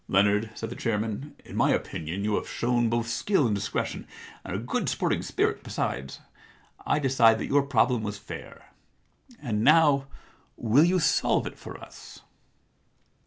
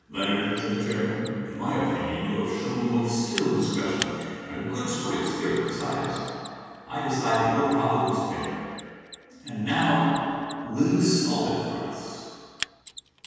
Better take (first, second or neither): first